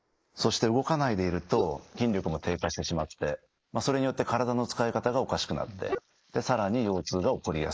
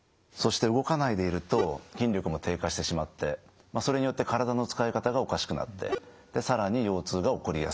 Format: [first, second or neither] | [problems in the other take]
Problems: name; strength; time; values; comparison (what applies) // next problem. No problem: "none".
second | noise reduction (neural mask model Resemble Enhance denoiser)